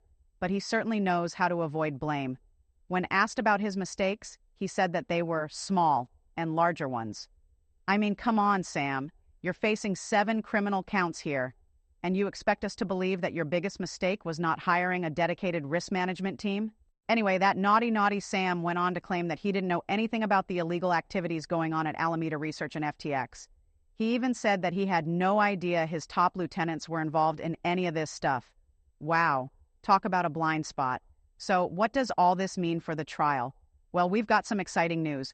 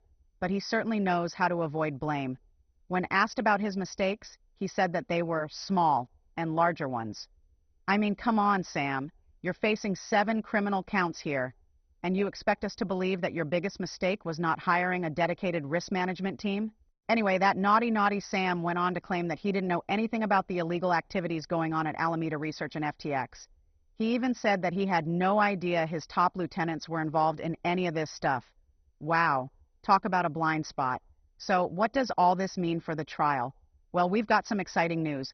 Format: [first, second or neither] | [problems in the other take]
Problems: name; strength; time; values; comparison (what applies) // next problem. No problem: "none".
first | garbled, watery; badly; nothing above 6 kHz; slightly in the first